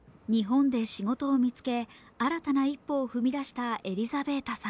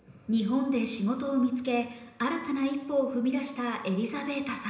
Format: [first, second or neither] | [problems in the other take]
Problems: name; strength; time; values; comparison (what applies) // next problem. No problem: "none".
first | room echo; dies away in 0.9 s